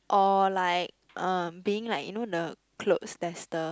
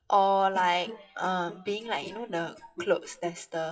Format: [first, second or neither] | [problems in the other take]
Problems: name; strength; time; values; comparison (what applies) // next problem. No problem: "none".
first | noise reduction (classical method WPE with log-MMSE)